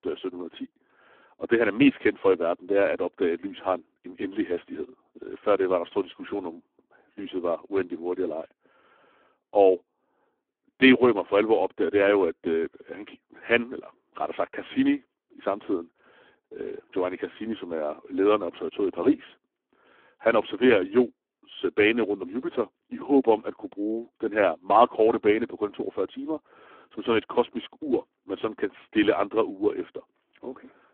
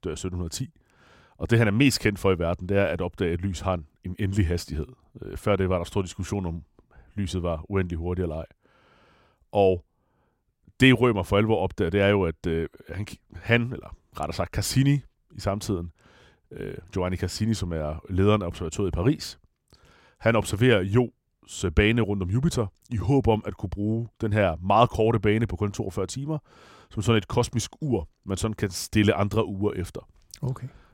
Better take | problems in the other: second | phone-call audio; poor line

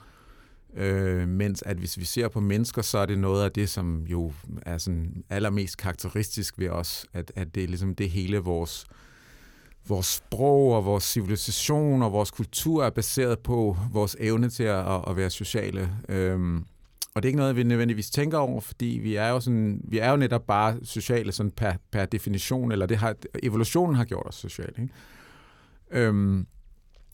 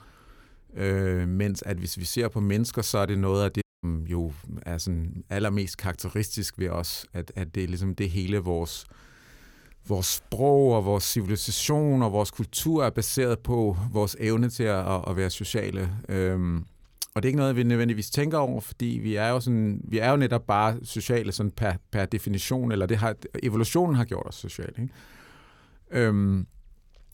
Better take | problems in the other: first | audio cutting out; at 3.5 s

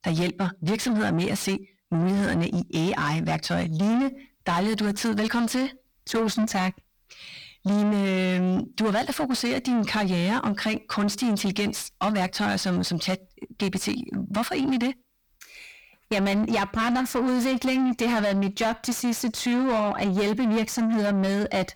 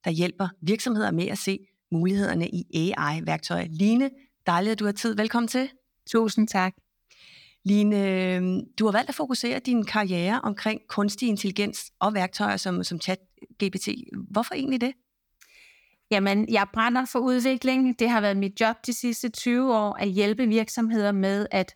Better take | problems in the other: second | distortion; heavy; 8 dB below the speech

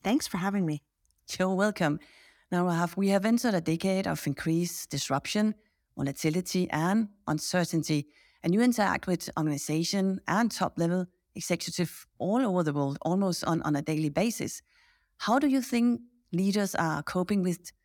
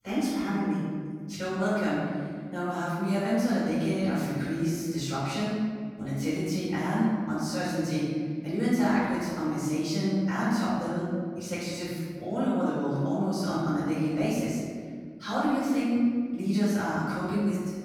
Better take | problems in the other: first | room echo; strong; dies away in 1.8 s // off-mic speech; far

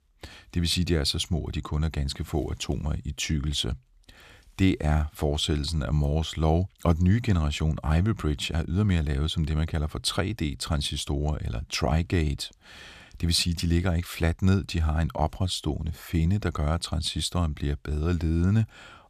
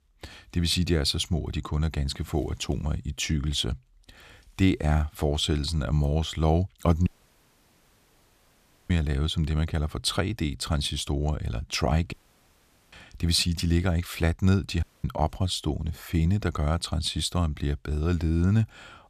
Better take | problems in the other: first | audio cutting out; at 7 s for 2 s, at 12 s for 1 s and at 15 s

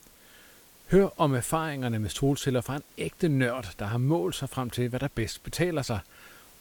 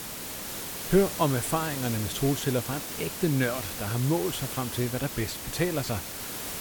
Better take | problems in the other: first | hiss; loud; throughout; 5 dB below the speech; faint in the first

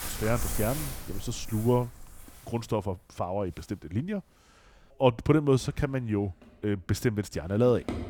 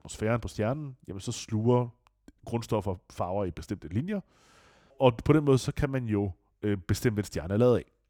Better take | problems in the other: second | household noises; loud; throughout; 9 dB below the speech

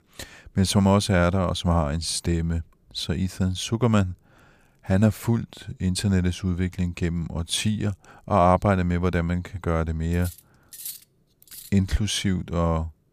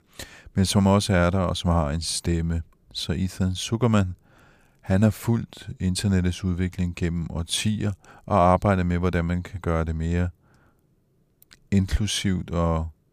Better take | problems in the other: second | clattering dishes; faint; from 10 to 12 s; peak 10 dB below the speech

